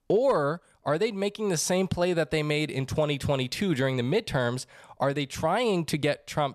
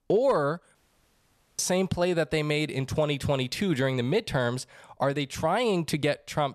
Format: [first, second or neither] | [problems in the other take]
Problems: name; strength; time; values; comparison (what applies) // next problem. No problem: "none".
first | audio cutting out; at 1 s for 1 s